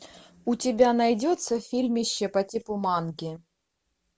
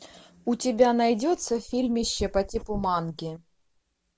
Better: first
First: none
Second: background sound (Dog); 15 dB below the speech

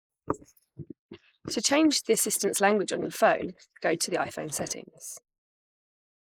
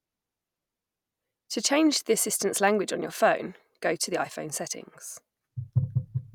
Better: second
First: noise reduction (neural mask model Resemble Enhance denoiser)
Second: none

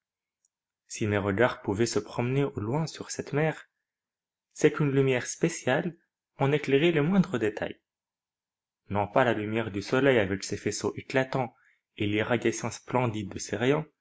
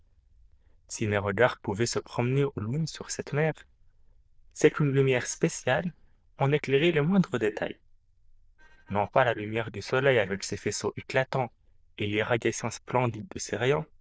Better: first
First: none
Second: noise reduction (neural diffusion model UNIVERSE++)

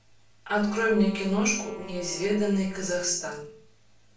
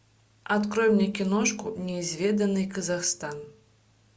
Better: second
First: background sound (Wind instrument, woodwind instrument); 18 dB below the speech // room echo; dies away in 0.3 s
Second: none

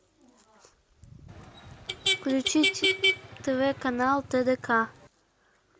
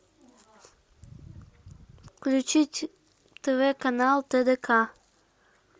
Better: second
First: background sound (Motor vehicle (road)); 1 dB below the speech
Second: none

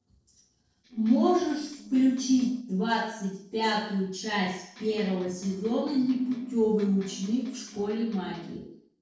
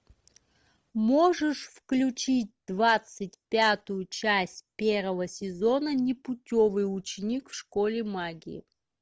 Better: second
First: noise reduction (neural separator model SepFormer DNS4)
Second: none

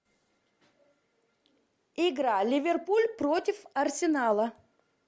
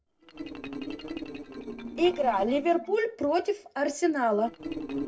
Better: first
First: none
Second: noise reduction (neural separator model SepFormer DNS4)

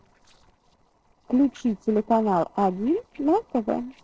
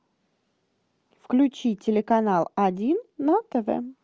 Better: second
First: noise reduction (neural separator model SepFormer DNS4)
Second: none

